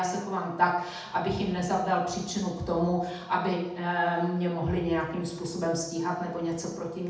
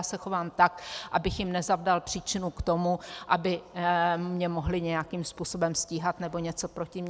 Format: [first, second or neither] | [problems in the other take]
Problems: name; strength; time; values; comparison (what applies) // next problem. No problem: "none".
second | room echo; dies away in 0.8 s